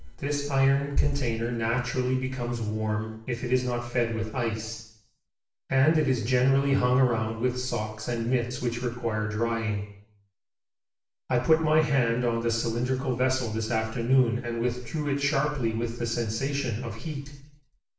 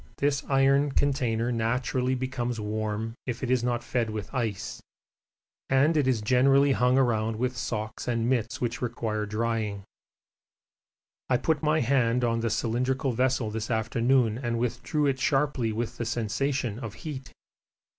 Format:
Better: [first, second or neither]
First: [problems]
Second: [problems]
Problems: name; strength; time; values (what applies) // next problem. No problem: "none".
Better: second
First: room echo; dies away in 0.6 s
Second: none